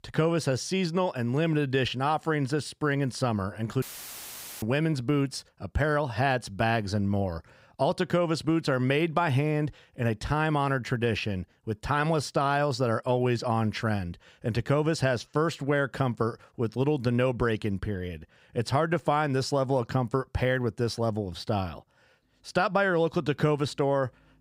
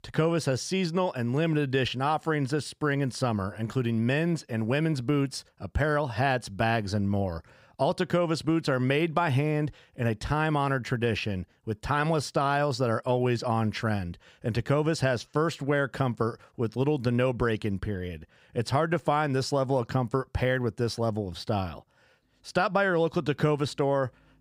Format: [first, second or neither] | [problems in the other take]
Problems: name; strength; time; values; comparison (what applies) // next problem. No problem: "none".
second | audio cutting out; filled with static; at 4 s for 1 s